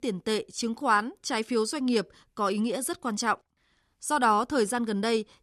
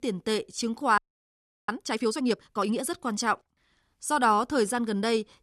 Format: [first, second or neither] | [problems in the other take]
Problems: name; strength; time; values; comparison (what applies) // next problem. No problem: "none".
first | audio freezing; at 1 s for 0.5 s